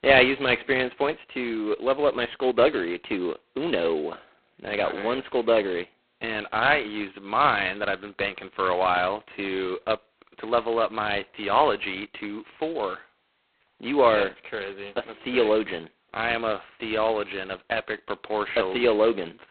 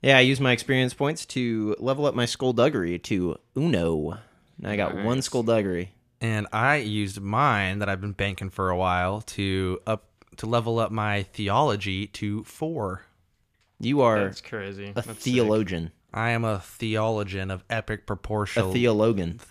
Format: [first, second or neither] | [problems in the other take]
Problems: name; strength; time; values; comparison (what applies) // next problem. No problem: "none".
second | phone-call audio; poor line; nothing above 4 kHz